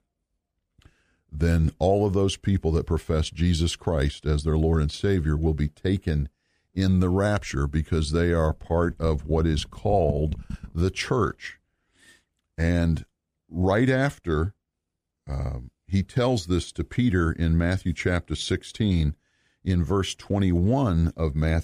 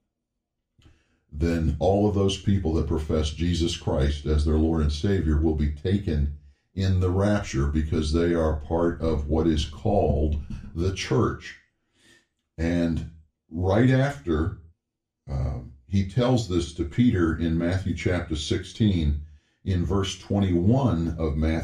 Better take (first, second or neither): first